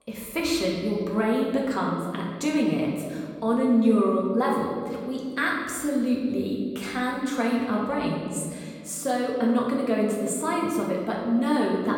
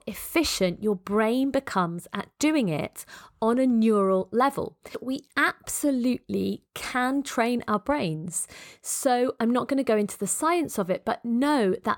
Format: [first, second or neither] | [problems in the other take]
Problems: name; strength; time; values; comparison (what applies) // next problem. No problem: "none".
second | room echo; noticeable; dies away in 1.8 s // off-mic speech; far